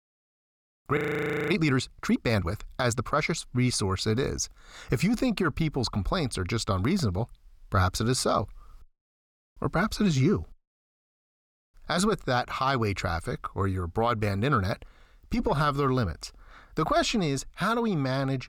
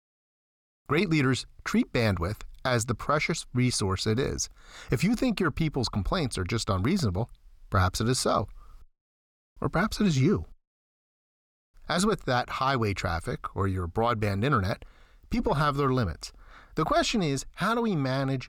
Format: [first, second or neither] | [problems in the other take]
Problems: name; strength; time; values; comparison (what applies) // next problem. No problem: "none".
second | audio freezing; at 1 s for 0.5 s